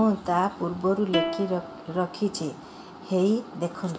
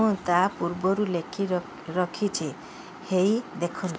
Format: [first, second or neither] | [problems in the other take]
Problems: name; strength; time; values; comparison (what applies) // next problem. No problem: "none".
second | background sound (Plucked string instrument); 8 dB below the speech // room echo; dies away in 0.5 s